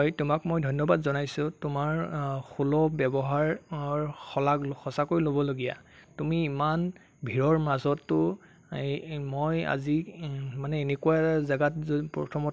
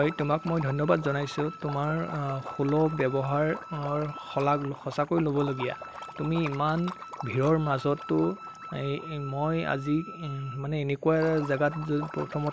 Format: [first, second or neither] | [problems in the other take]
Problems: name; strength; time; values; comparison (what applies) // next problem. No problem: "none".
first | background sound (Wind instrument, woodwind instrument + Liquid); 13 dB below the speech